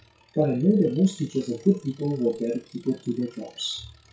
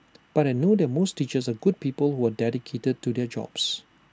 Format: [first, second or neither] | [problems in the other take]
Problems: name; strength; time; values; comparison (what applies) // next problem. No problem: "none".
second | noise reduction (classical method WPE with log-MMSE)